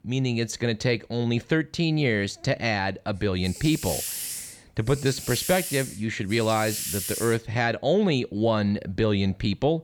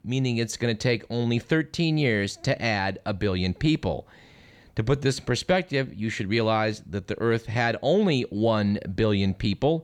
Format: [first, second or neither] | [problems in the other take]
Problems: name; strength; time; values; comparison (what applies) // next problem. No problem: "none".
second | hiss; loud; from 3 to 7.5 s; 6 dB below the speech